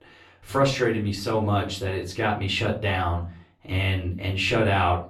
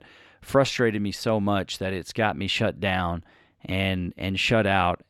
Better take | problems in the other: second | off-mic speech; far // room echo; slight; dies away in 0.3 s

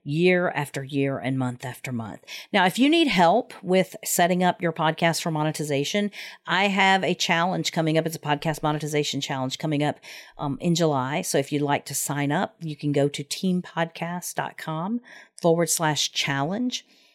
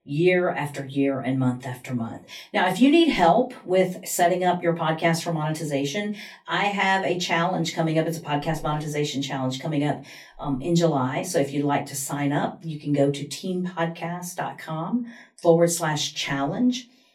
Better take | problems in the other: first | off-mic speech; far // room echo; very slight; dies away in 0.2 s

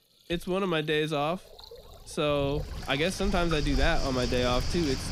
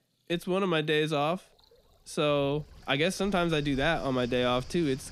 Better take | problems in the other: second | rain or running water; loud; throughout; 7 dB below the speech; faint in the second

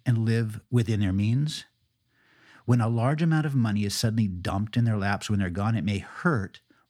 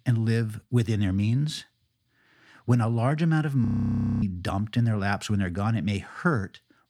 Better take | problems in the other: first | audio freezing; at 3.5 s for 0.5 s

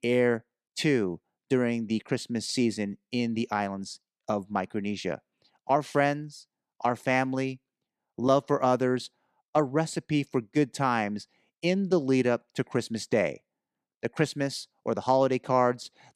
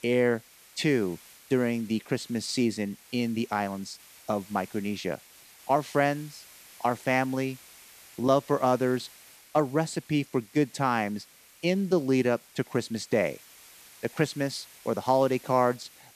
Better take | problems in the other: first | hiss; faint; throughout; 20 dB below the speech

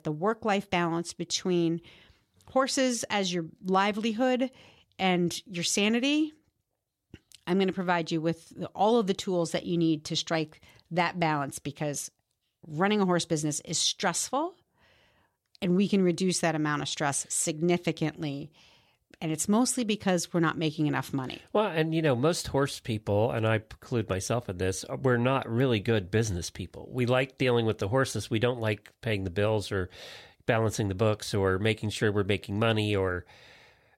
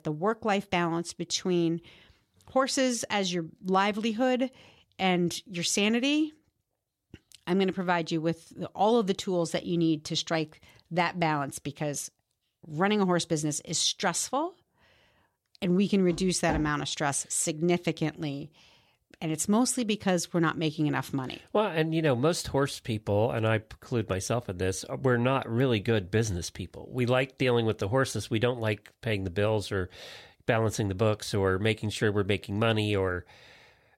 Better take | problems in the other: first | footsteps; noticeable; at 16 s; peak 8 dB below the speech

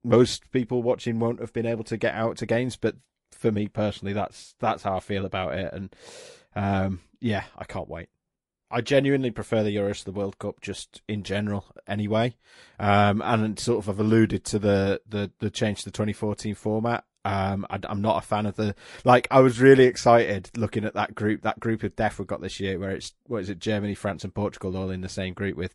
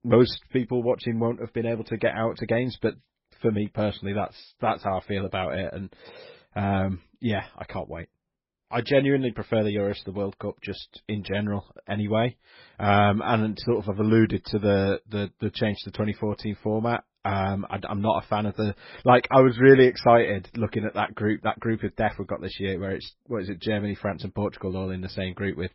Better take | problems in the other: first | garbled, watery; badly; nothing above 5.5 kHz; slightly in the first

